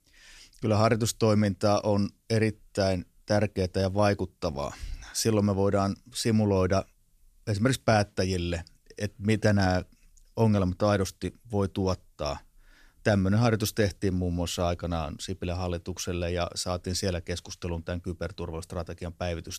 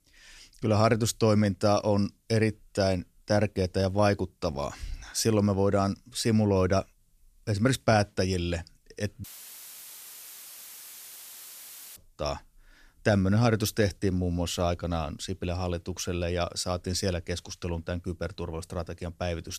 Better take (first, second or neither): first